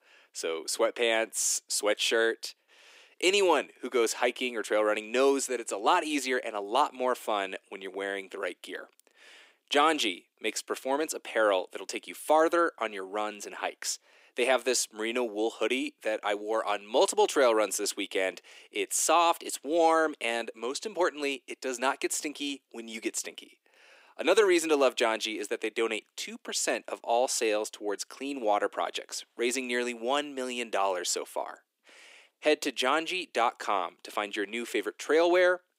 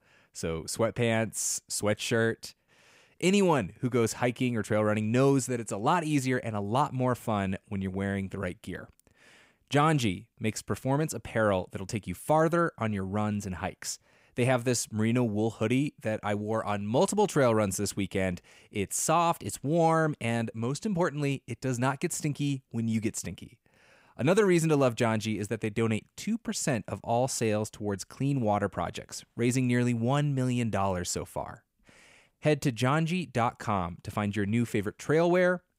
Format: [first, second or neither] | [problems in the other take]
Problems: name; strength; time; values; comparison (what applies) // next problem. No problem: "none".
second | thin; somewhat; fading below 300 Hz